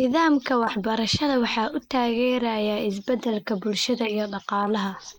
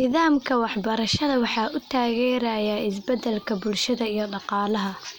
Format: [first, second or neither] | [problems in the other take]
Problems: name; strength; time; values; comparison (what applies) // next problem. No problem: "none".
second | noise reduction (neural mask model Resemble Enhance denoiser)